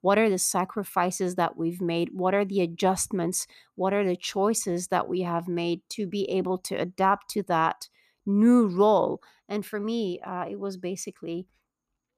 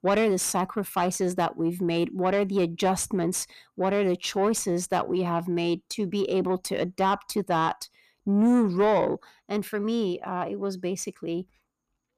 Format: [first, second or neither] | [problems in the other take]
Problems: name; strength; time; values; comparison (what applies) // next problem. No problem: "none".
first | distortion; slight; 10 dB below the speech